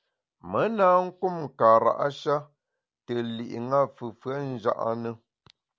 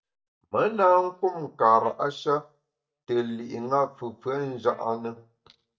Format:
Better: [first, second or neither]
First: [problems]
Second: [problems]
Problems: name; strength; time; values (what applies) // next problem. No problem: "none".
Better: first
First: none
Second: noise reduction (neural mask model DeepFilterNet 3)